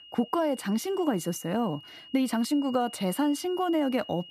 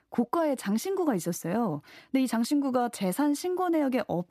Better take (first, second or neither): second